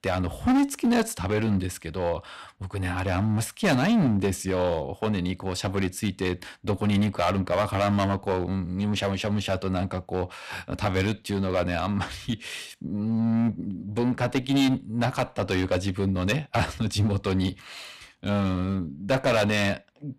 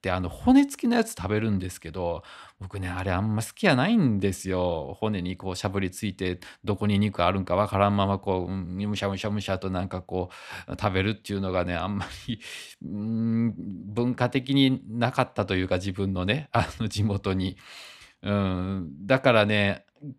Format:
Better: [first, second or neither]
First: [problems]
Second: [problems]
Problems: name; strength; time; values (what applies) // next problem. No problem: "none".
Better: second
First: distortion; heavy; 7% of the sound clipped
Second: none